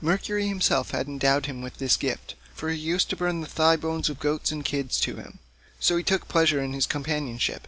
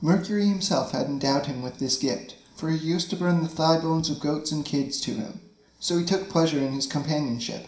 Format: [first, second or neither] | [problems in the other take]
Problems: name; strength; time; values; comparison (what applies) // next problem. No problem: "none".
first | room echo; dies away in 0.5 s